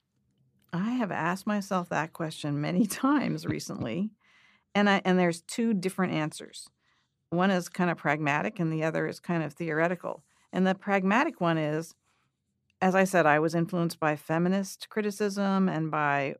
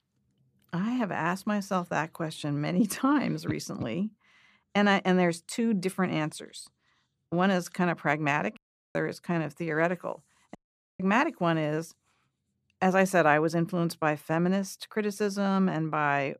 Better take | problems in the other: first | audio cutting out; at 8.5 s and at 11 s

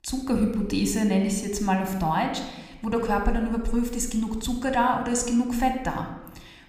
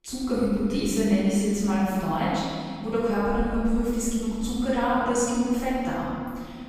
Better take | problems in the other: first | room echo; strong; dies away in 2 s; slight in the first // off-mic speech; far

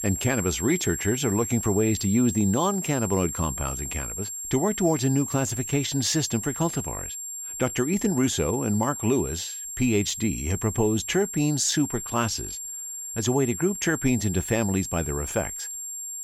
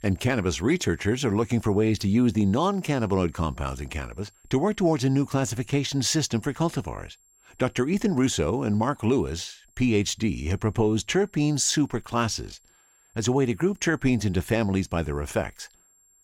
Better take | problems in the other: second | high-pitched whine; loud; throughout; 7.5 kHz, 6 dB below the speech; faint in the second

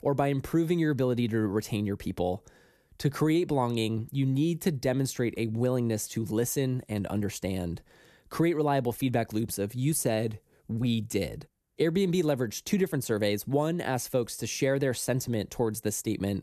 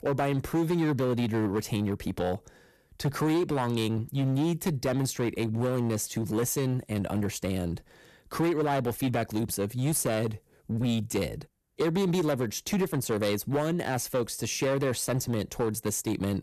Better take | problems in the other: first | distortion; slight; 12% of the sound clipped

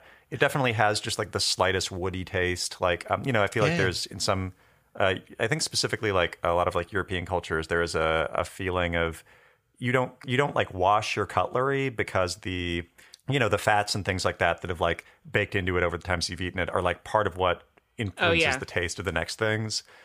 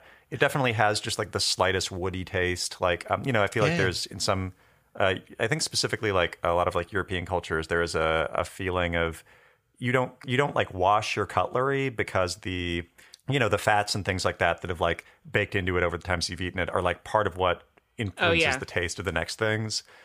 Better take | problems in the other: neither | none

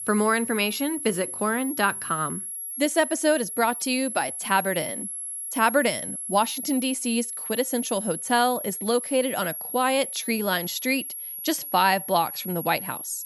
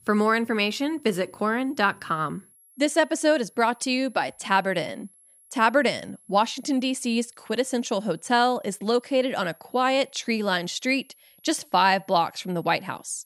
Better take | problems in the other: second | high-pitched whine; loud; throughout; 11.5 kHz, 6 dB below the speech; faint in the second

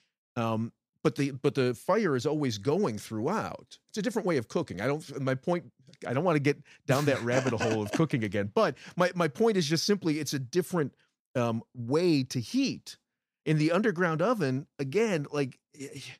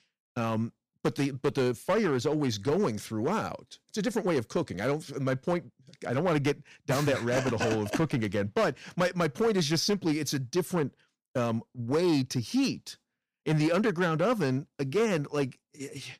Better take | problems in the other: first | distortion; slight; 6% of the sound clipped

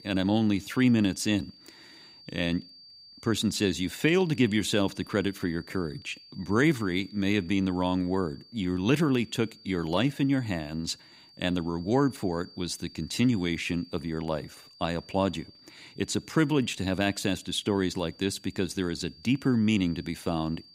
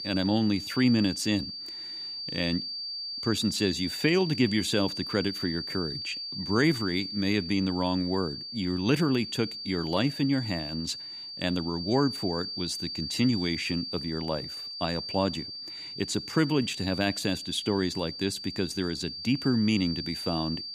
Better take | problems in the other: first | high-pitched whine; loud; throughout; 4.5 kHz, 6 dB below the speech; faint in the first

